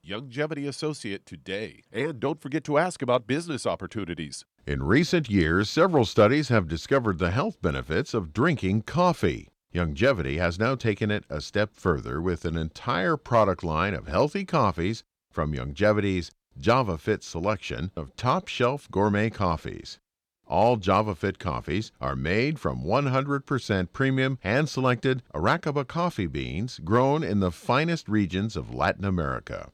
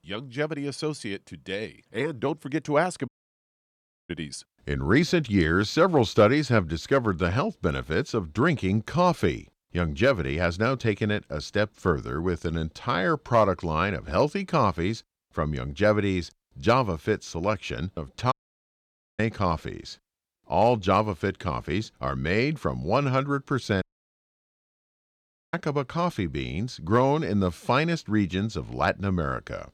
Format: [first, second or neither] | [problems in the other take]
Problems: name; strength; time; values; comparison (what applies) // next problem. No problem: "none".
first | audio cutting out; at 3 s for 1 s, at 18 s for 1 s and at 24 s for 1.5 s